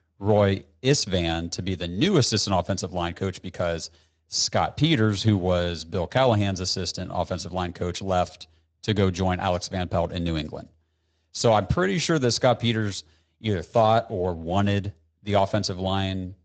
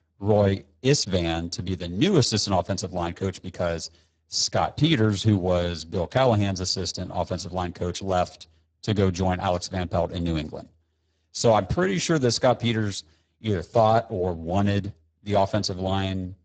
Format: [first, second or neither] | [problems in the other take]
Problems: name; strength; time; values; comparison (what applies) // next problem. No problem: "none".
first | garbled, watery; badly; nothing above 7.5 kHz; slightly in the first